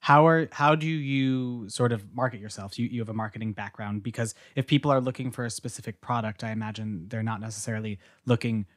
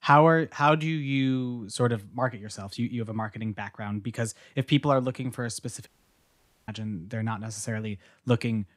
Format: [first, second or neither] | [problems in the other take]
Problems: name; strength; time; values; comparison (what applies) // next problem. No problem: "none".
first | audio cutting out; at 6 s for 1 s